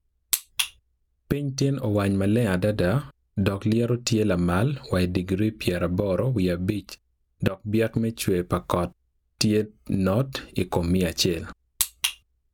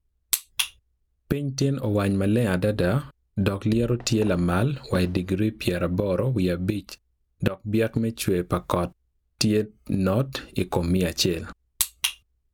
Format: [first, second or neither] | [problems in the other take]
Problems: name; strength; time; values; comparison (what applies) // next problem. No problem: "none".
first | background sound (Fireworks); 19 dB below the speech